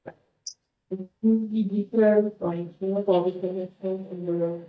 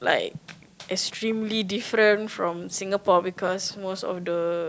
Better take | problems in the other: second | noise reduction (neural mask model DeepFilterNet 3)

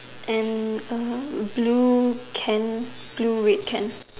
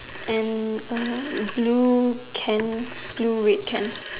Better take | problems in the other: first | background sound (Telephone); 15 dB below the speech

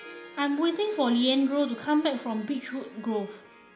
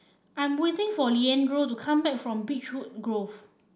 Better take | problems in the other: second | background sound (Harp); 20 dB below the speech

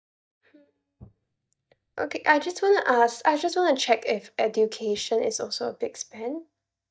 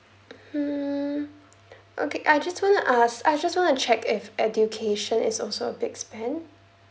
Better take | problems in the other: second | noise reduction (neural mask model DeepFilterNet 3)

